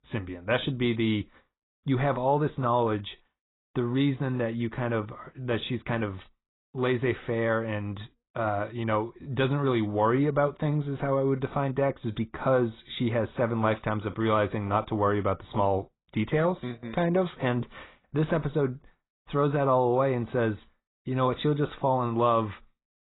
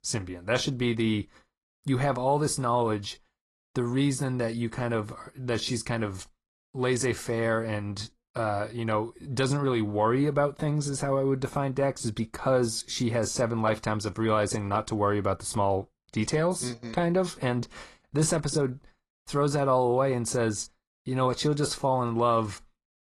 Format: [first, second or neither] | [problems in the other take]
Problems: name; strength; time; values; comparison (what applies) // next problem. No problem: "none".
second | garbled, watery; badly; nothing above 4 kHz; slightly in the second